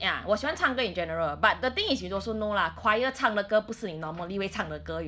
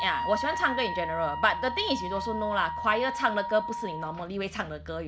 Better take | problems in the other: first | background sound (Wind instrument, woodwind instrument); 5 dB below the speech

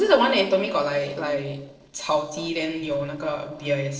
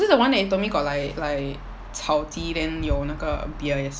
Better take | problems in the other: second | noise reduction (neural separator model SepFormer DNS4)

